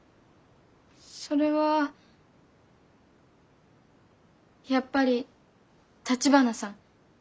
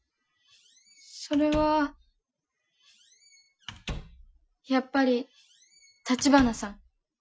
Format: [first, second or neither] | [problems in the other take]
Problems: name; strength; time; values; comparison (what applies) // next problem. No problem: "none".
first | noise reduction (classical method Wiener filter)